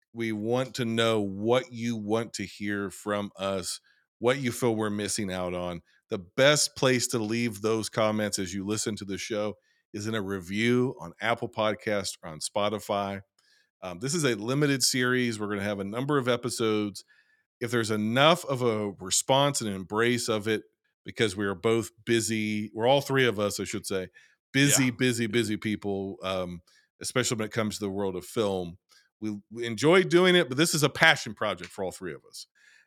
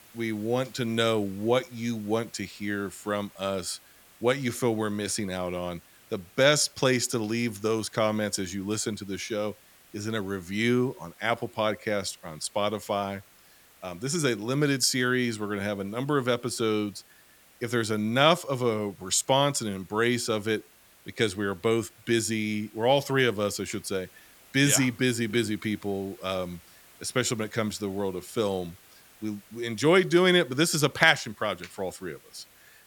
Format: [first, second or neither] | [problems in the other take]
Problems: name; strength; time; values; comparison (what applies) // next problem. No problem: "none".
first | hiss; faint; throughout; 25 dB below the speech